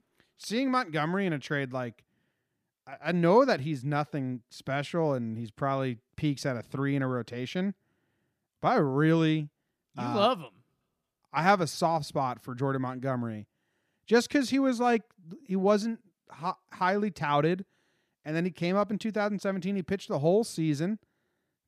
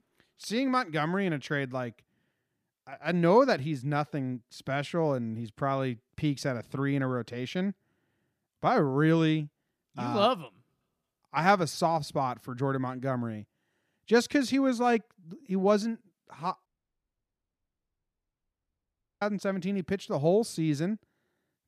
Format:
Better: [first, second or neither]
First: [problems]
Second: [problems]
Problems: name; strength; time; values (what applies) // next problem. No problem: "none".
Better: first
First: none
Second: audio cutting out; at 17 s for 2.5 s